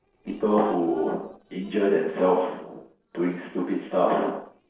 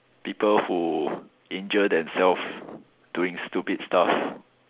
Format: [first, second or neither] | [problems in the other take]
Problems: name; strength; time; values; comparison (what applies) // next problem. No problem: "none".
second | noise reduction (neural separator model SepFormer DNS4)